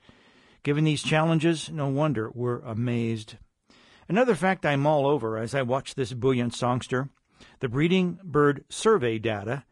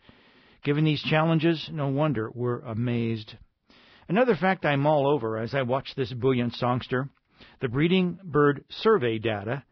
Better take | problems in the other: first | garbled, watery; badly; nothing above 5.5 kHz; slightly in the first

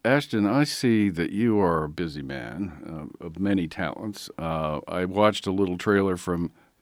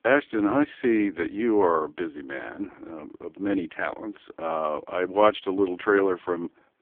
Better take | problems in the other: first | phone-call audio; poor line; nothing above 3.5 kHz

